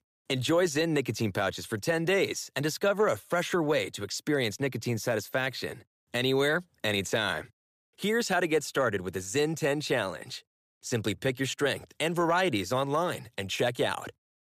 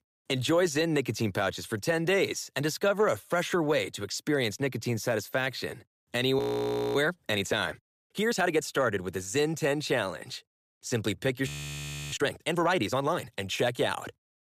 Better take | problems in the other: first | audio freezing; at 6.5 s for 0.5 s and at 11 s for 0.5 s

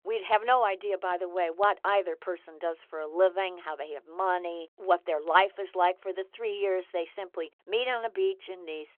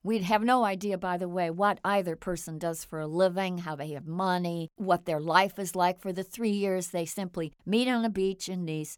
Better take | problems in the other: second | phone-call audio

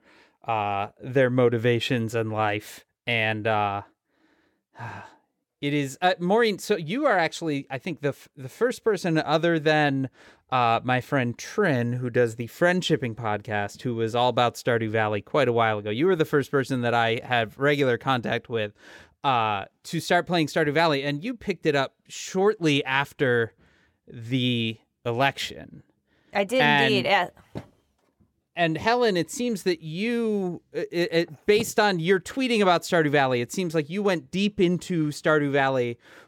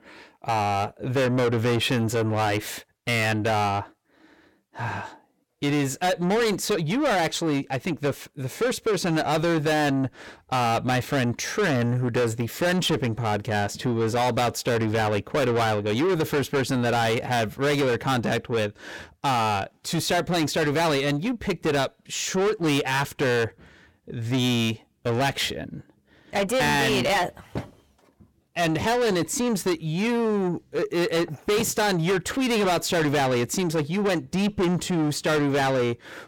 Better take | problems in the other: first | distortion; heavy; 6 dB below the speech

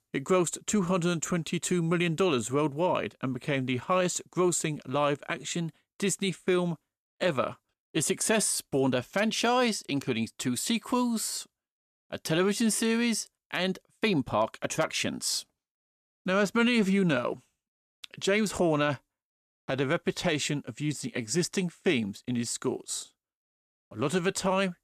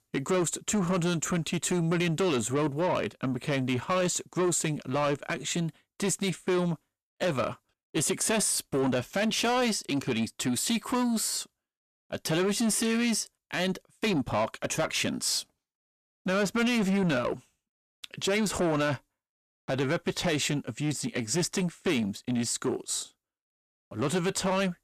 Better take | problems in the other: first | distortion; slight; 10 dB below the speech

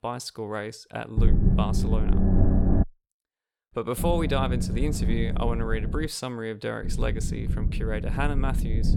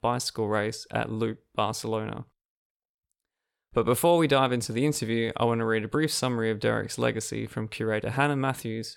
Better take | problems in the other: second | low rumble; loud; from 1 to 3 s, from 4 to 6 s and from 7 s on; 5 dB below the speech

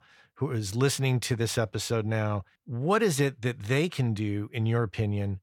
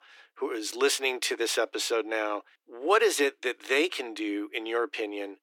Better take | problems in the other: first | thin; very; fading below 300 Hz

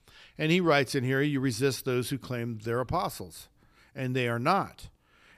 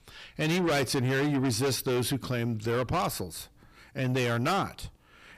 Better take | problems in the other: first | distortion; heavy; 6 dB below the speech

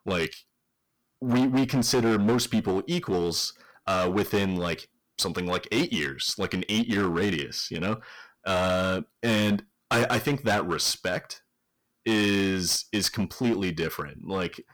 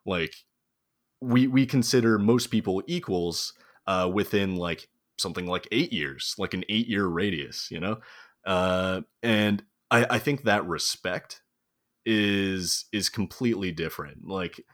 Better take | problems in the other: second | distortion; heavy; 9% of the sound clipped

